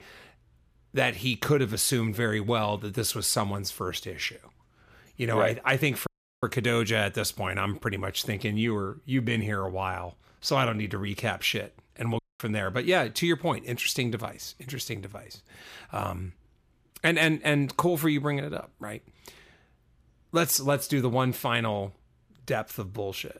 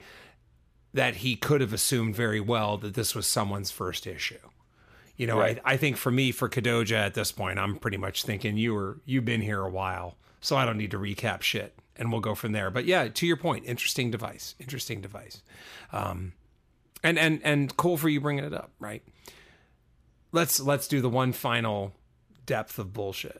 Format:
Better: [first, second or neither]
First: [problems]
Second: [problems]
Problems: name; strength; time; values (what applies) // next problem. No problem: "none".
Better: second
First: audio cutting out; at 6 s and at 12 s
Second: none